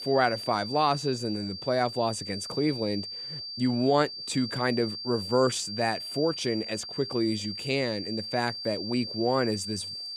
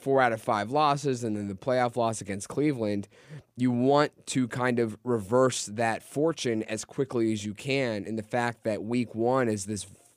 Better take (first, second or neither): second